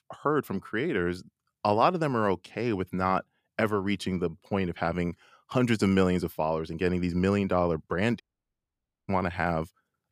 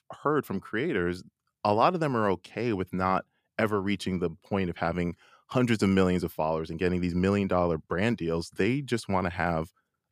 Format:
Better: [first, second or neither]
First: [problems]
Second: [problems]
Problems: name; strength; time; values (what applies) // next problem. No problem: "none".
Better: second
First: audio cutting out; at 8 s for 1 s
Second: none